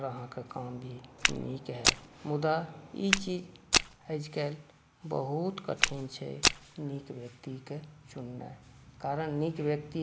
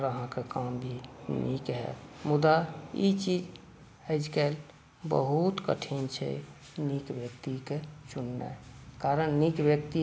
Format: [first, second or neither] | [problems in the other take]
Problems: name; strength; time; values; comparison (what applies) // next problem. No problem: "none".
second | background sound (Walk, footsteps); 4 dB above the speech